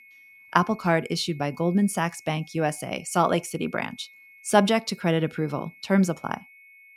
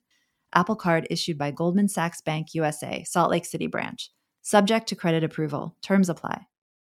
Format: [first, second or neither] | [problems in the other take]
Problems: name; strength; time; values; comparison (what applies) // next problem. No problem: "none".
second | high-pitched whine; faint; throughout; 2 kHz, 25 dB below the speech